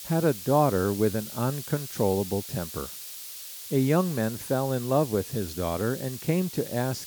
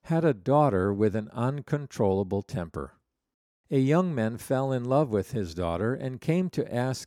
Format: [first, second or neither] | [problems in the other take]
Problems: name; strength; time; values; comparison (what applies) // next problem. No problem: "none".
second | hiss; noticeable; throughout; 10 dB below the speech